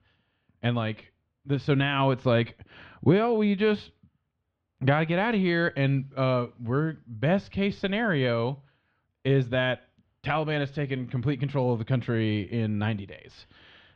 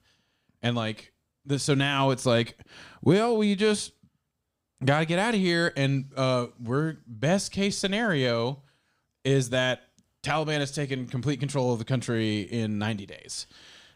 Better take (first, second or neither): second